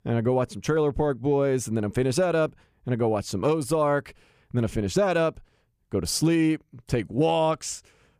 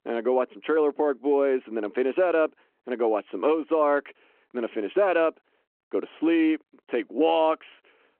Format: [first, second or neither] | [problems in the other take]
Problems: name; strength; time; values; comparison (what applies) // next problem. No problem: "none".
first | phone-call audio